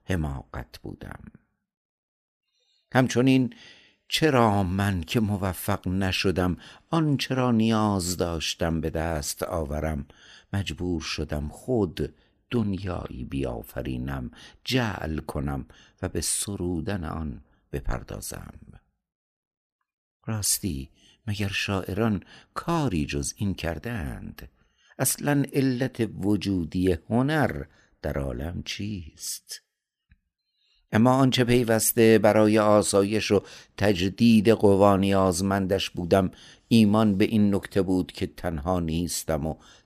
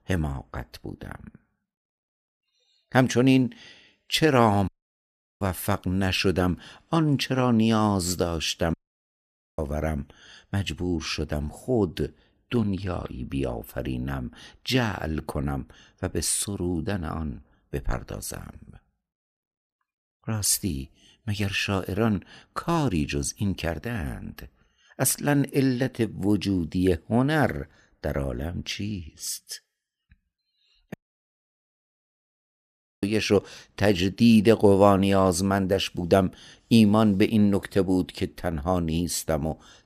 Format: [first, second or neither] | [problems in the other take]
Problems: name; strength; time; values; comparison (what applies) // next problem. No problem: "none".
first | audio cutting out; at 4.5 s for 0.5 s, at 8.5 s for 1 s and at 31 s for 2 s